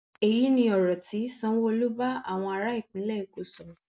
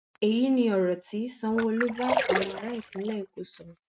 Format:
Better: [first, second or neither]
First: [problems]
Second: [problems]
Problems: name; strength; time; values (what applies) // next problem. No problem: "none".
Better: first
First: none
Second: noise reduction (neural mask model RNNoise)